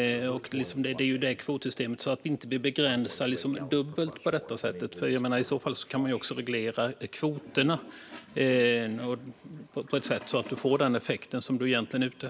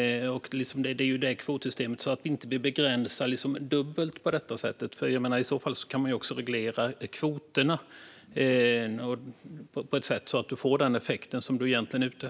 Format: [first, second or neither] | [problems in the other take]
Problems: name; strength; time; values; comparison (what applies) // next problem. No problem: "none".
second | background sound (Toilet flush); 19 dB below the speech